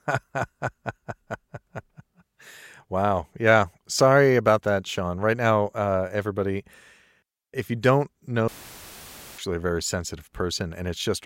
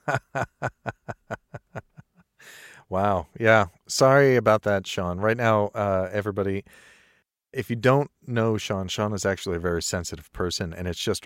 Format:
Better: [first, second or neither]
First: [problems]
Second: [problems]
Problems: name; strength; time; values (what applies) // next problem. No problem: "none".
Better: second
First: audio cutting out; filled with static; at 8.5 s for 1 s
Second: none